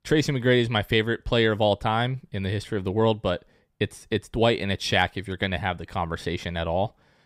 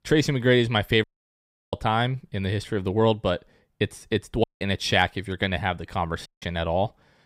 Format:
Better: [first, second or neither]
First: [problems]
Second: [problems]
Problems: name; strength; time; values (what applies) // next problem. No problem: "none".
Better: first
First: none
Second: audio cutting out; at 1 s for 0.5 s, at 4.5 s and at 6.5 s